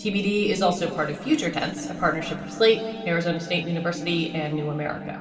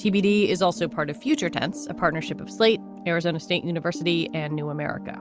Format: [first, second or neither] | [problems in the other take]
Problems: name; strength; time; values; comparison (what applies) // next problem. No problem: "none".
second | room echo; dies away in 2.7 s